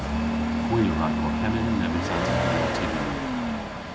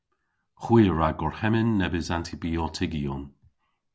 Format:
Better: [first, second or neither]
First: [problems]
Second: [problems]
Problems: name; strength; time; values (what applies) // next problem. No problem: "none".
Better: second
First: background sound (Engine starting / Accelerating, revving, vroom / Motor vehicle (road)); 4 dB above the speech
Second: none